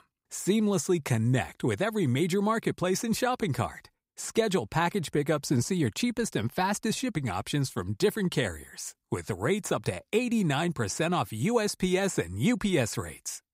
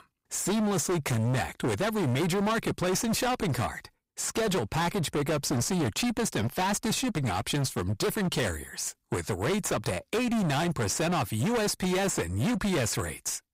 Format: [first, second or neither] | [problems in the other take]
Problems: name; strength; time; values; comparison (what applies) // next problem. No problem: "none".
first | distortion; heavy; 31% of the sound clipped